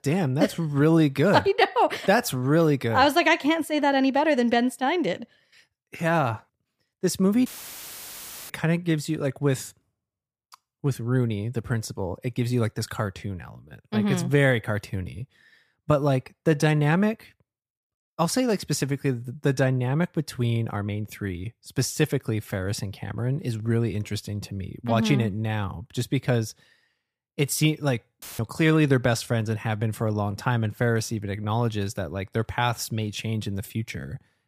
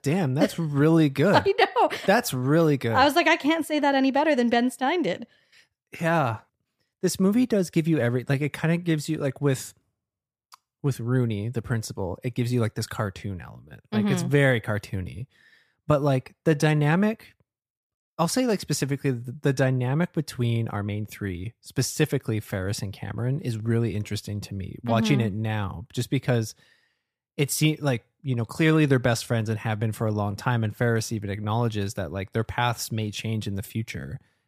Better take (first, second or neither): second